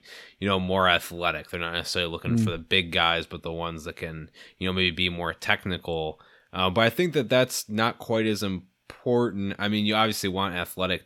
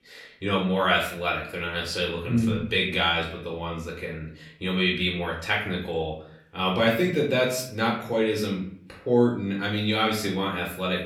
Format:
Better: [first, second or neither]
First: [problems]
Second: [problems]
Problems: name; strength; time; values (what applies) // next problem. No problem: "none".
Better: first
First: none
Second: off-mic speech; far // room echo; slight; dies away in 0.5 s